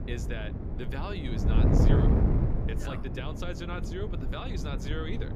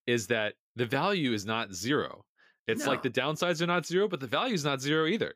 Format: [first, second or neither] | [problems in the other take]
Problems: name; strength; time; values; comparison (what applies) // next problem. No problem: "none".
second | wind noise on the microphone; heavy; 1 dB above the speech